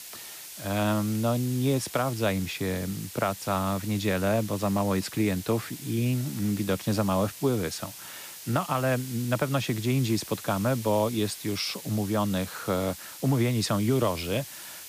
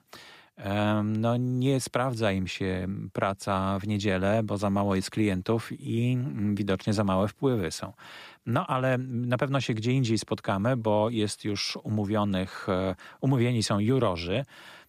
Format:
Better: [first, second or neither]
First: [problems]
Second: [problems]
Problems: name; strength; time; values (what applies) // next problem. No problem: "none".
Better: second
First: hiss; noticeable; throughout; 10 dB below the speech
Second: none